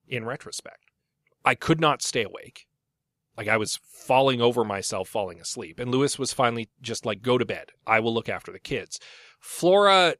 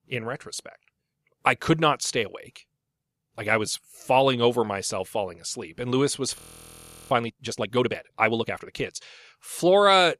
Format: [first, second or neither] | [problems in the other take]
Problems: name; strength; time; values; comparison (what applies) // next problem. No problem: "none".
first | audio freezing; at 6.5 s for 0.5 s